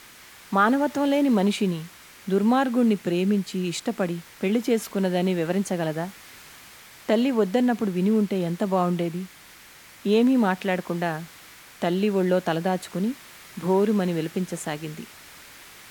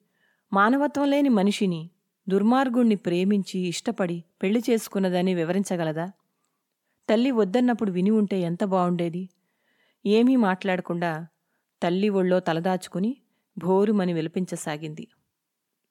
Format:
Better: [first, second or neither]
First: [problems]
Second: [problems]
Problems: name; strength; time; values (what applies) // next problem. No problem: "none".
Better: second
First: hiss; faint; throughout; 20 dB below the speech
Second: none